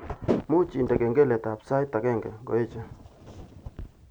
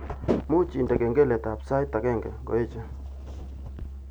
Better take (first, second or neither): first